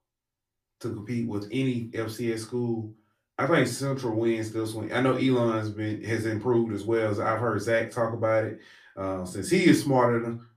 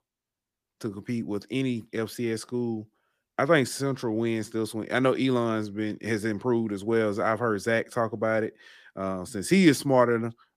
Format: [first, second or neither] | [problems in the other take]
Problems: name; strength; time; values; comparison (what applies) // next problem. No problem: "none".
second | off-mic speech; far // room echo; very slight; dies away in 0.2 s